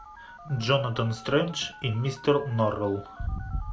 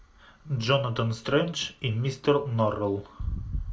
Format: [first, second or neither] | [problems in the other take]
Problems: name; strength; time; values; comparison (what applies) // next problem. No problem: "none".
second | background sound (Telephone); 19 dB below the speech